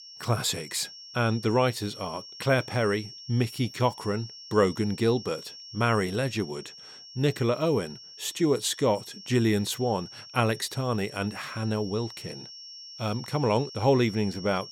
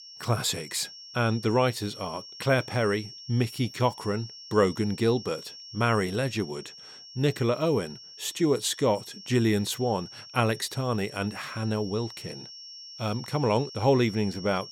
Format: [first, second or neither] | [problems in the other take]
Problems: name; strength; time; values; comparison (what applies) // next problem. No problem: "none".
neither | high-pitched whine; noticeable; throughout; 5.5 kHz, 15 dB below the speech; the same in both